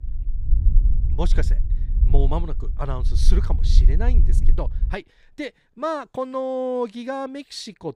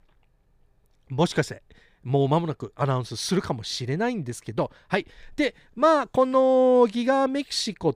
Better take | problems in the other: second | low rumble; noticeable; until 5 s; 15 dB below the speech

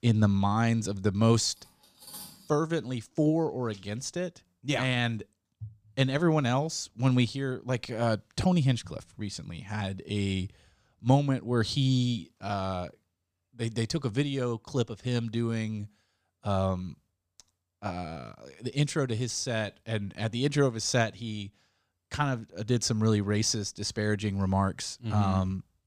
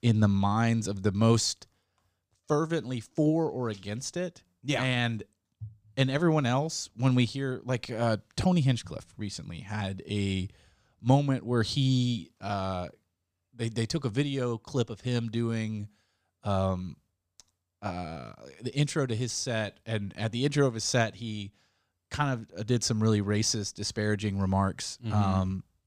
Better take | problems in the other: second | clattering dishes; faint; at 1.5 s; peak 15 dB below the speech

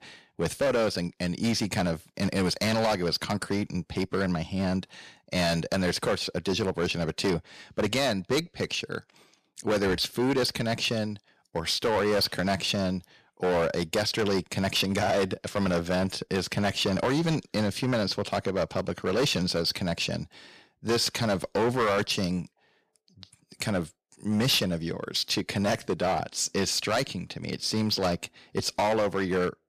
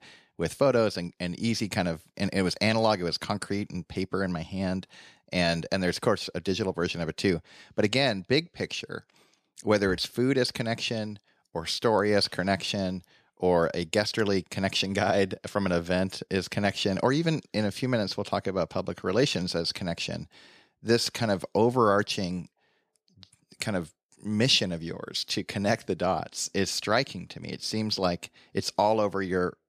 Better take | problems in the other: second | distortion; heavy; 10% of the sound clipped

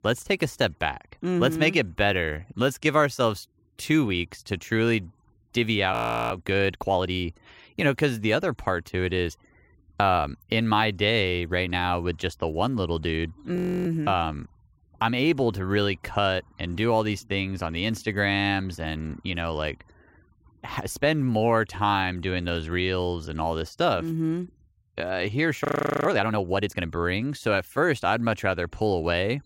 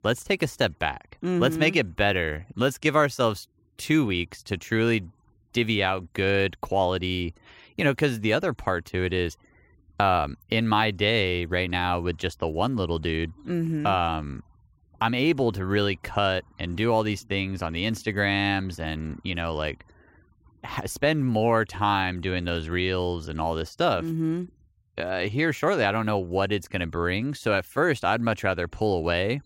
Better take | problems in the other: second | audio freezing; at 6 s, at 14 s and at 26 s

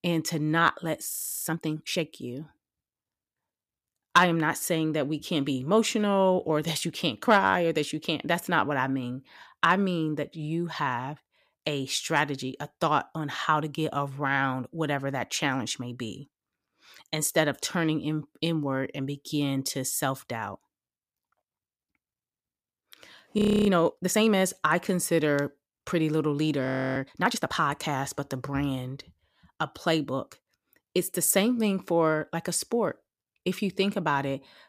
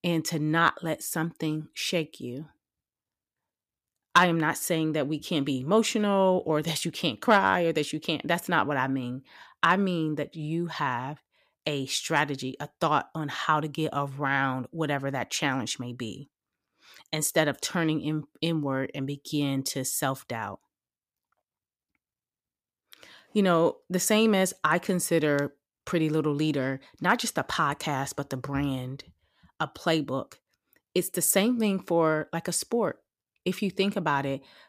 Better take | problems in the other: second | audio freezing; at 1 s, at 23 s and at 27 s

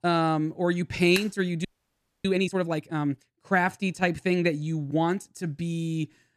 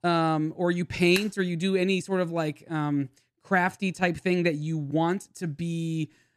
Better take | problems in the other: second | audio freezing; at 1.5 s for 0.5 s

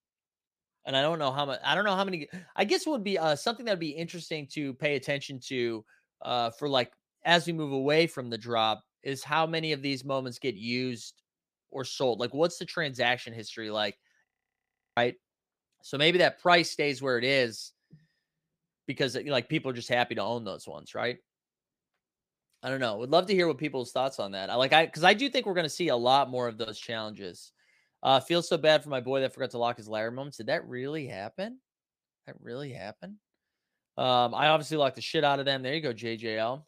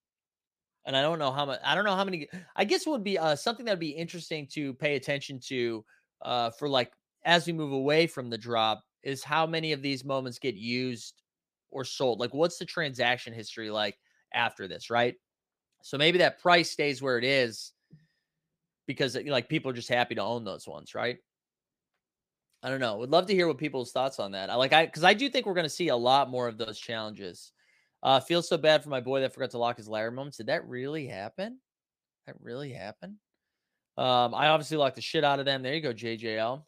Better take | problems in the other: second | audio freezing; at 14 s for 0.5 s

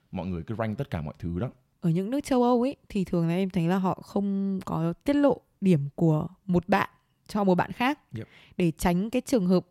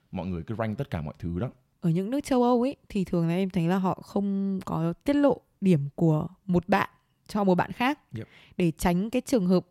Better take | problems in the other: neither | none

